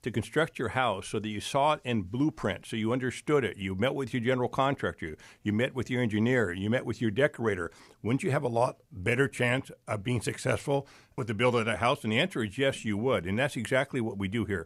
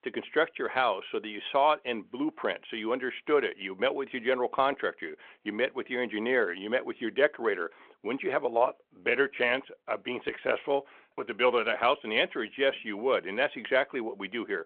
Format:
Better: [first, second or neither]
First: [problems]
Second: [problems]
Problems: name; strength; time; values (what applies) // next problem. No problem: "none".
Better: first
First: none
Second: phone-call audio